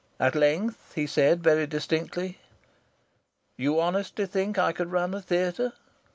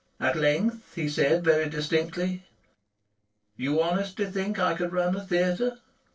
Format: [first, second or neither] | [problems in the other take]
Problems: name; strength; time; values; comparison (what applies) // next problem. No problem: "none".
first | noise reduction (neural separator model SepFormer DNS4)